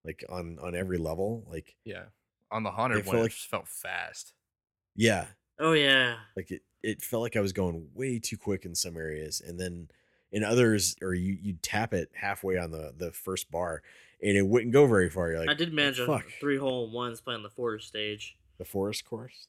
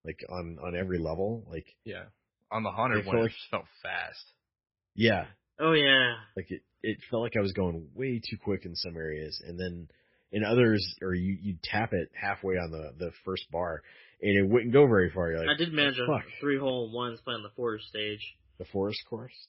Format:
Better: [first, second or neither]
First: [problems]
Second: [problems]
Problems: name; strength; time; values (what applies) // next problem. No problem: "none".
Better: first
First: none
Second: garbled, watery; badly; nothing above 5.5 kHz